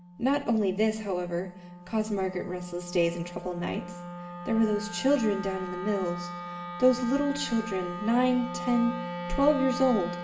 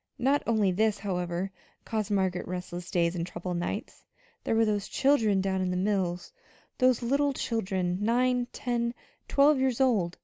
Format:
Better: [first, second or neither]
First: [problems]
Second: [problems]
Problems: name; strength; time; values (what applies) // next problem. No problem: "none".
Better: second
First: background sound (Wind instrument, woodwind instrument); 10 dB below the speech // room echo; dies away in 1.1 s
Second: none